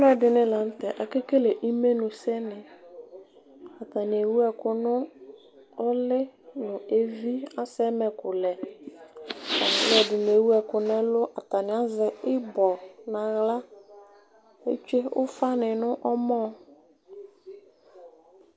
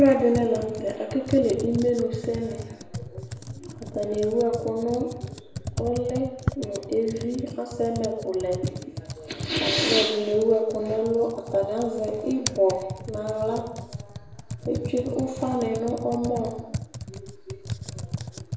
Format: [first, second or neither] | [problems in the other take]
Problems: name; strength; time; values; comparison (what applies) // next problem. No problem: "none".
first | background sound (Computer keyboard); 9 dB below the speech // room echo; dies away in 0.8 s